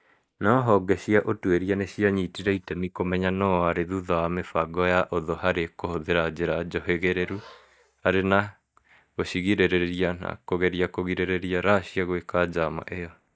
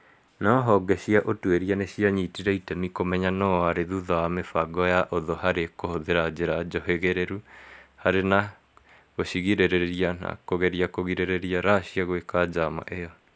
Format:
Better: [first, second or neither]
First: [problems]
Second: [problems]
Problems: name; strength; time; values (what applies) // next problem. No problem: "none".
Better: second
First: noise reduction (neural mask model DeepFilterNet 3)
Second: none